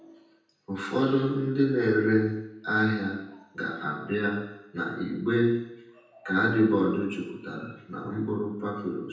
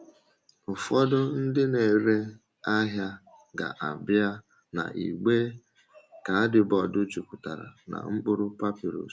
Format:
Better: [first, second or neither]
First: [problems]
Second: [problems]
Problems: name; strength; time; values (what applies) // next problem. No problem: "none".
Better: second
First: room echo; dies away in 0.9 s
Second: none